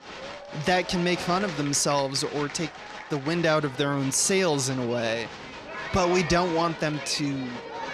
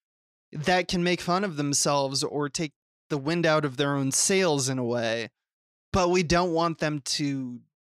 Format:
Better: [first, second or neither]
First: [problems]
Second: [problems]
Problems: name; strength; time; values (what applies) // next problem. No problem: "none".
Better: second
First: crowd noise; noticeable; throughout; 10 dB below the speech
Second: none